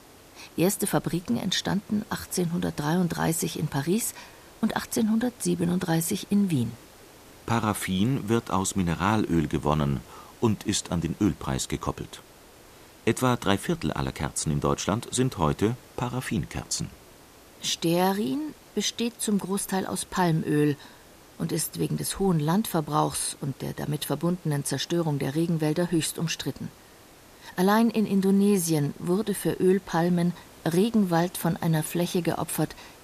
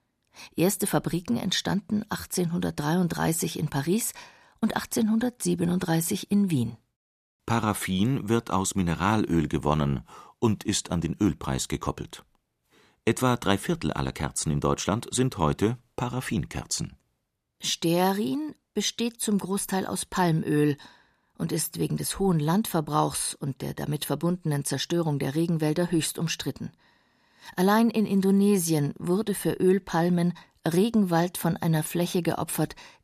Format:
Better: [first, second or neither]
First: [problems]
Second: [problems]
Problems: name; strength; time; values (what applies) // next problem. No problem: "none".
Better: second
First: hiss; faint; throughout; 25 dB below the speech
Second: none